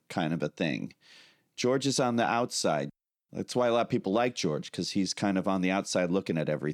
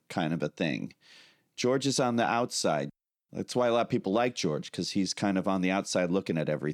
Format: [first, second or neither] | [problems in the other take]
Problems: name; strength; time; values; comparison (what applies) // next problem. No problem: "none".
neither | none